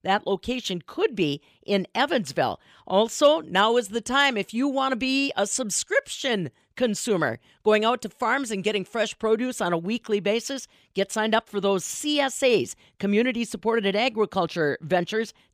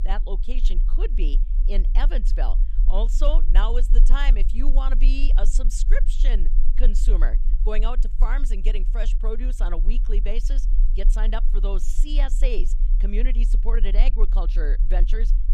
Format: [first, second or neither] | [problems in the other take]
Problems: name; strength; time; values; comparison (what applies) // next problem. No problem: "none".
first | low rumble; noticeable; throughout; 15 dB below the speech